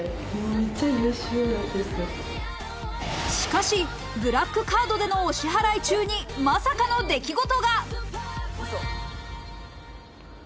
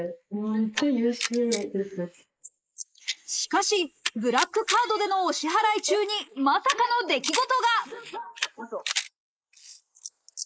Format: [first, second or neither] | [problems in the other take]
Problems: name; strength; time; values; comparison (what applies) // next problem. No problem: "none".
first | noise reduction (neural mask model Resemble Enhance denoiser)